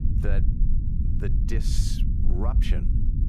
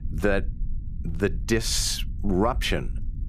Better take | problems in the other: second | low rumble; loud; throughout; 3 dB below the speech; faint in the second

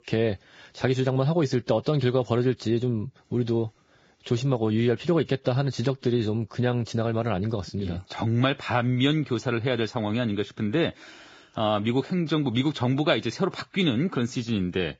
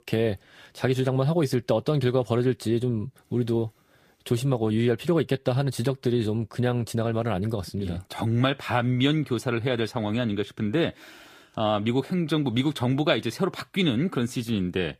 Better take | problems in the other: second | garbled, watery; badly; nothing above 7.5 kHz; slightly in the second

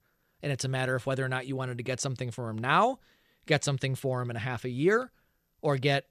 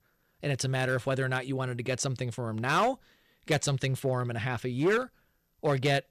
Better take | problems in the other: first | distortion; slight; 4% of the sound clipped

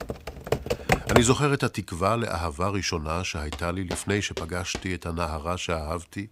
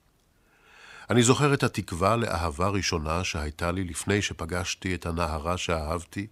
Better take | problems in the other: second | keyboard typing; loud; until 1 s; peak 4 dB above the speech // footsteps; noticeable; from 3.5 to 5 s; peak 9 dB below the speech

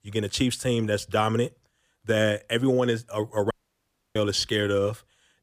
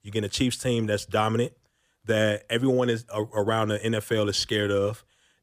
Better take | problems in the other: second | audio cutting out; at 3.5 s for 0.5 s

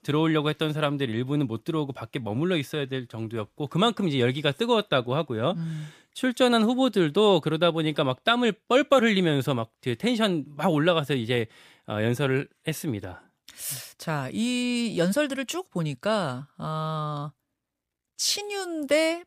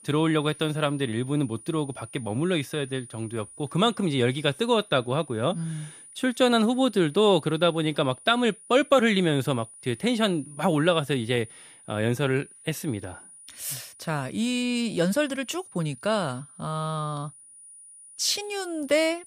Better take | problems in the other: first | high-pitched whine; noticeable; throughout; 9.5 kHz, 20 dB below the speech

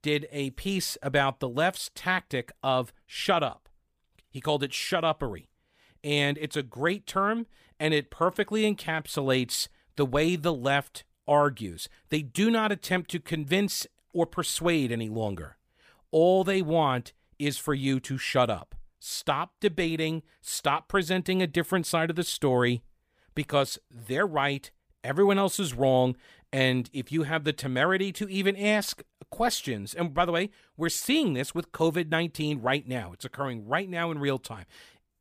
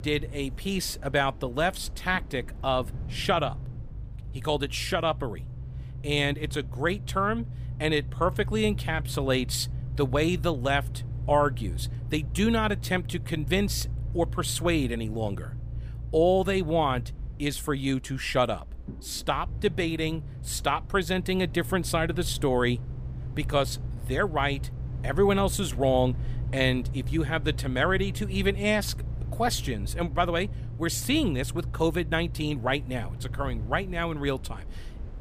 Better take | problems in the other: first | low rumble; faint; throughout; 20 dB below the speech

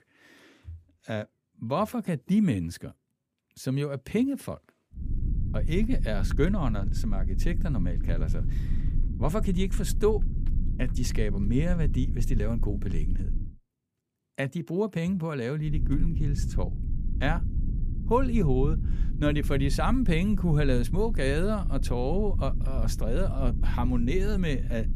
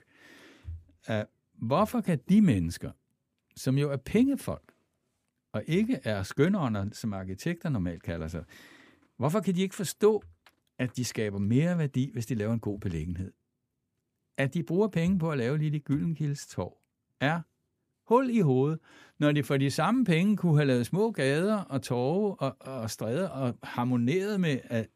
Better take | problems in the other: second | low rumble; noticeable; from 5 to 13 s and from 16 s on; 15 dB below the speech

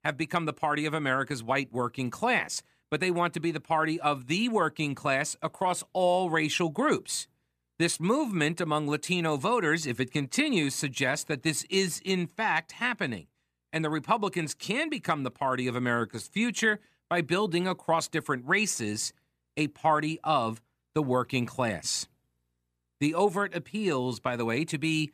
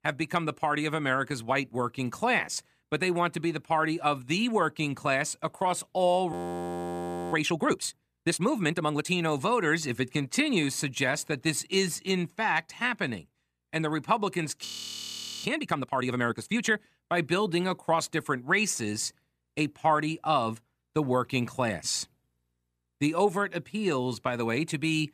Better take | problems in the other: first | audio freezing; at 6.5 s for 1 s and at 15 s for 1 s

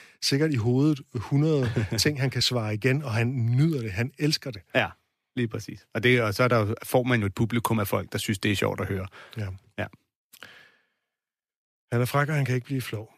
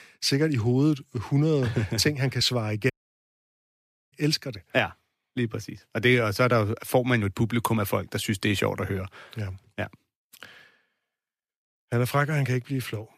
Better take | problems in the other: first | audio cutting out; at 3 s for 1 s

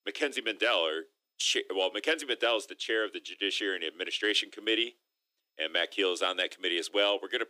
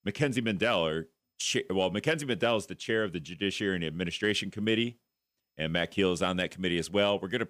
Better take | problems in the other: second | thin; somewhat; fading below 300 Hz

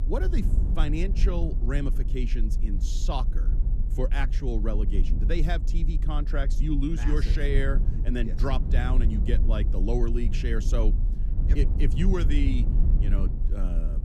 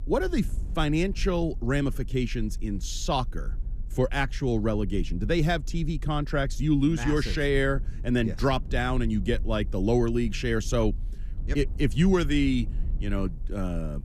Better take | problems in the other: second | low rumble; loud; throughout; 9 dB below the speech; faint in the second

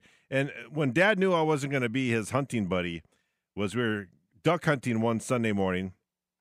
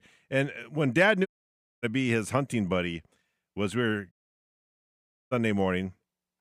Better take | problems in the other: first | audio cutting out; at 1.5 s for 0.5 s and at 4 s for 1 s

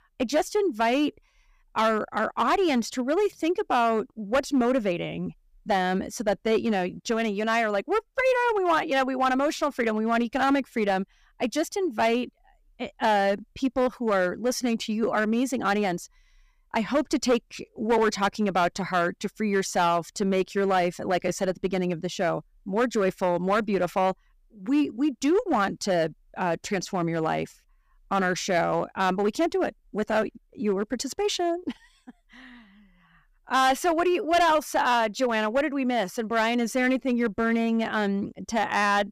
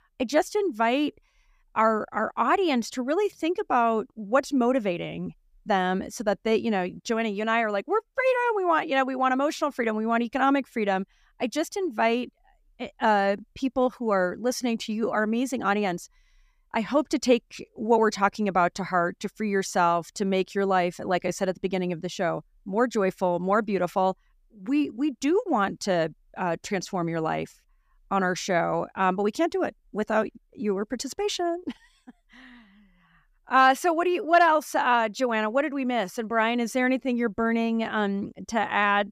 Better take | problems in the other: second | distortion; slight; 5% of the sound clipped

